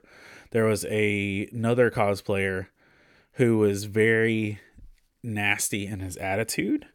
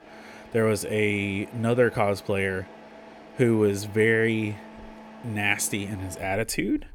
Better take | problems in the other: first | traffic noise; faint; throughout; 20 dB below the speech

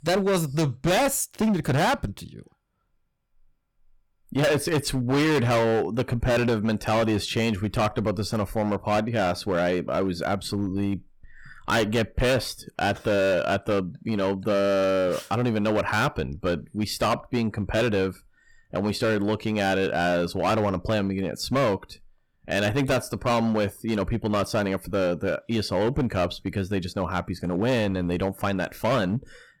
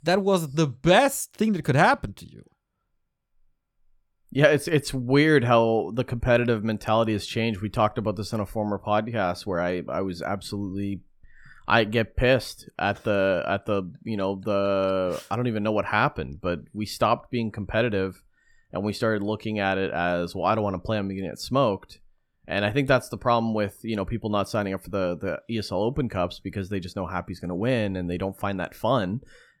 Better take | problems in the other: second | distortion; heavy; 13% of the sound clipped

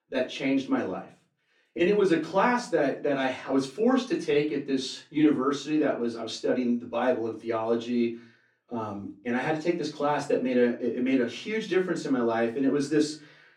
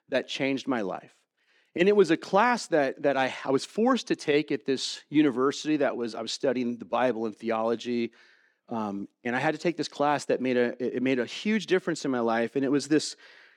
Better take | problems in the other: second | off-mic speech; far // room echo; very slight; dies away in 0.3 s

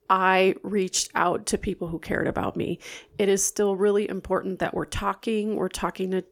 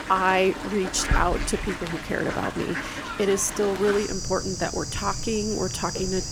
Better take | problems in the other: first | animal sounds; loud; throughout; 5 dB below the speech

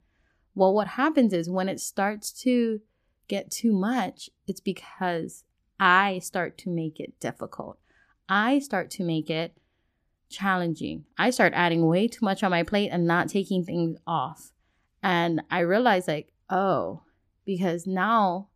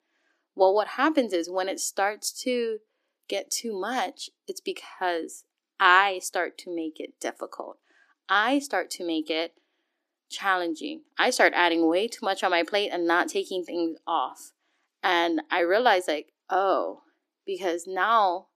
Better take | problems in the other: first | thin; somewhat; fading below 300 Hz

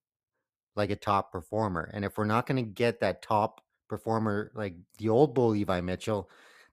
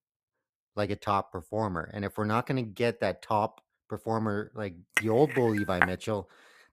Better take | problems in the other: first | clattering dishes; loud; at 5 s; peak 2 dB above the speech

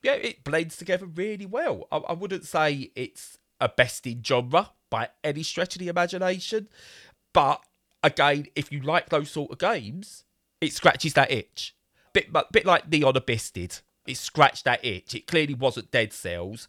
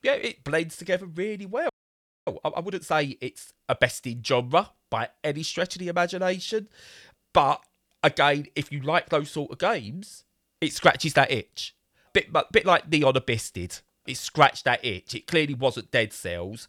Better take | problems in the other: first | audio freezing; at 1.5 s for 0.5 s

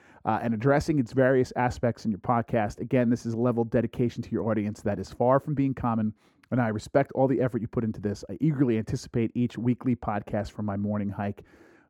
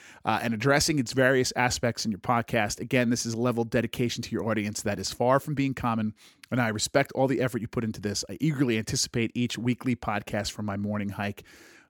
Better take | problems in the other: second | muffled; very; fading above 2 kHz

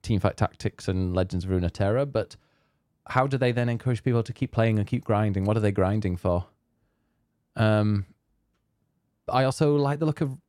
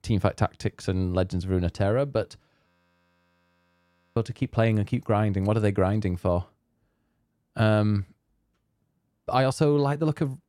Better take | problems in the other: first | audio freezing; at 2.5 s for 1.5 s

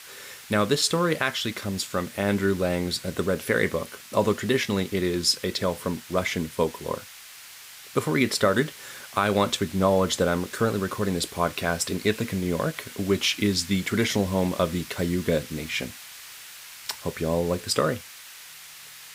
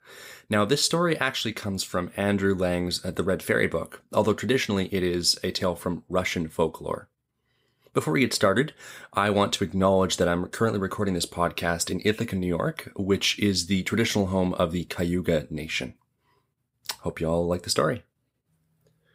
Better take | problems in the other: second | hiss; noticeable; throughout; 15 dB below the speech

